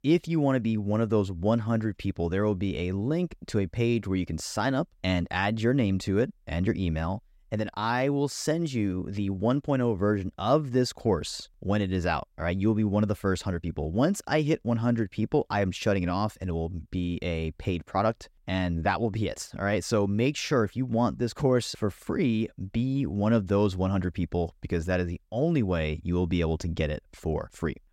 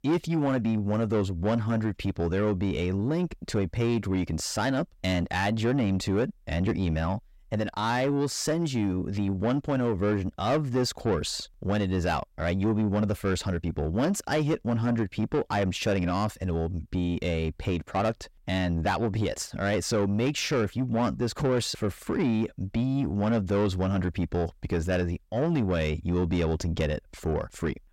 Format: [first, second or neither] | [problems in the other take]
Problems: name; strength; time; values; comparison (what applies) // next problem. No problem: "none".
first | distortion; slight; 10 dB below the speech